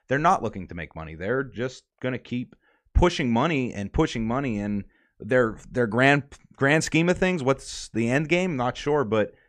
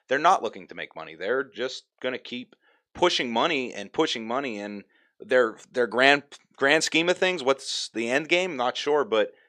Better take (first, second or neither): first